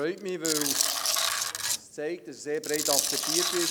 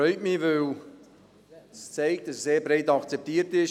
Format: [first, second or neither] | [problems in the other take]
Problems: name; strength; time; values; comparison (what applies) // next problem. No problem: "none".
second | background sound (Tools); 4 dB above the speech